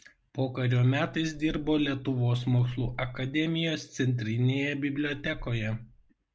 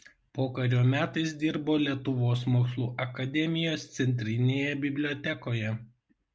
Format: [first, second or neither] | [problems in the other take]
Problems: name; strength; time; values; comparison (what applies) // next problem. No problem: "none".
second | background sound (Bird); 16 dB below the speech